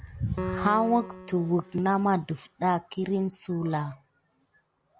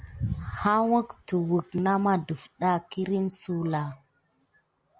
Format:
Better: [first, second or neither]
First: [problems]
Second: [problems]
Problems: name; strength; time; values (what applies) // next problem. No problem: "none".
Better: second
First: background sound (Piano); 12 dB below the speech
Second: none